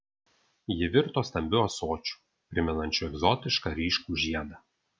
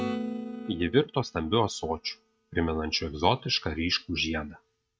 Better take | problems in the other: first | noise reduction (neural mask model RNNoise)

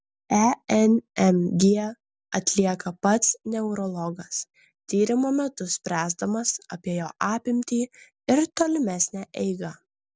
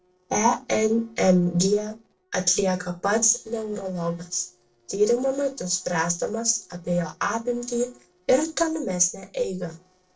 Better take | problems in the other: first | noise reduction (neural separator model SepFormer DNS4)

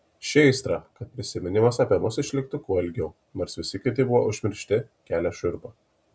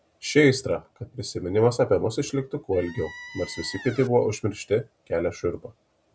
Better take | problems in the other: first | background sound (Squeak); 15 dB below the speech

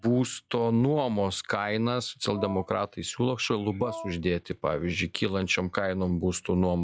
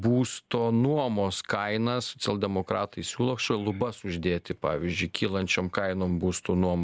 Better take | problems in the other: second | noise reduction (classical method log-MMSE)

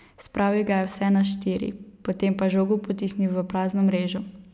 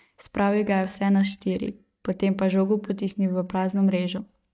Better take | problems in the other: first | noise reduction (neural mask model DeepFilterNet 3)

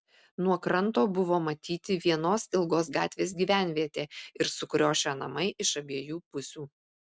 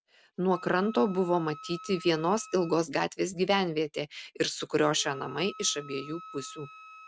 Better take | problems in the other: first | background sound (Wind instrument, woodwind instrument); 19 dB below the speech

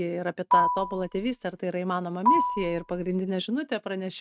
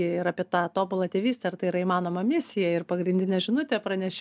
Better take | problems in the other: second | noise reduction (neural mask model RNNoise)

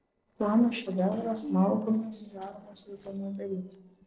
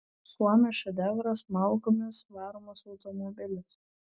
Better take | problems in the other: second | noise reduction (neural separator model SepFormer DNS4)

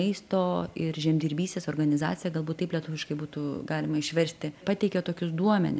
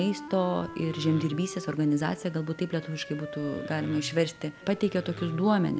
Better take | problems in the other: first | background sound (Wood + Wind instrument, woodwind instrument); 13 dB below the speech

